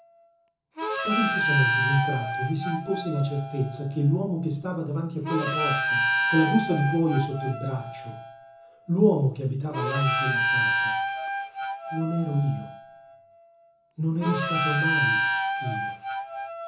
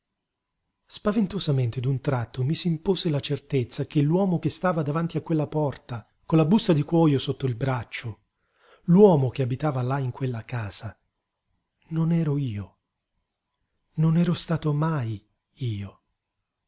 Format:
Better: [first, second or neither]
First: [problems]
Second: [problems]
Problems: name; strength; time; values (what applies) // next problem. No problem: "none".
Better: second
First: background sound (Harmonica); 1 dB below the speech // room echo; dies away in 0.7 s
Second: none